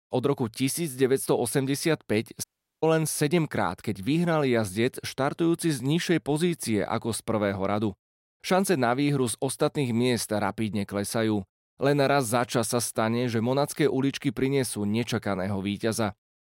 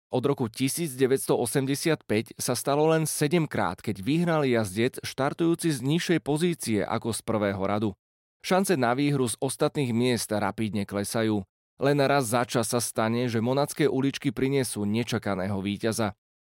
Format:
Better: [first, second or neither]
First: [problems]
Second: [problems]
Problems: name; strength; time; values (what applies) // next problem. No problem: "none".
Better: second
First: audio cutting out; at 2.5 s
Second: none